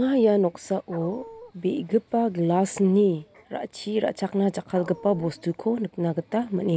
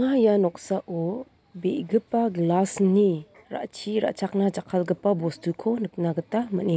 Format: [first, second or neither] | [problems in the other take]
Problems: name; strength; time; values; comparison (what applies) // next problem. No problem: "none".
second | background sound (Dog); 18 dB below the speech